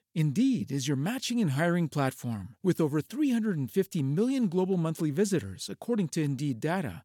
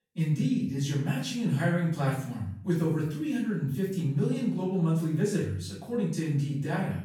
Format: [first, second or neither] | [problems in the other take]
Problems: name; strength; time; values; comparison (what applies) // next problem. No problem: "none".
first | room echo; noticeable; dies away in 0.5 s // off-mic speech; far